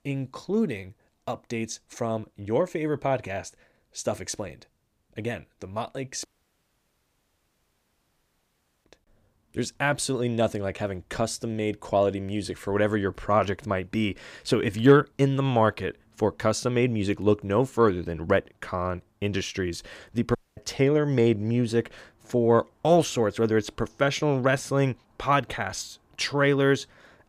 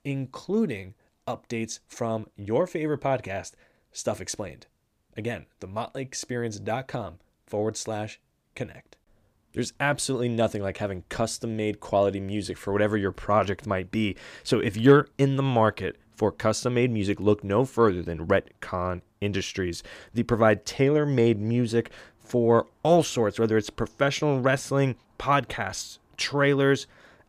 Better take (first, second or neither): second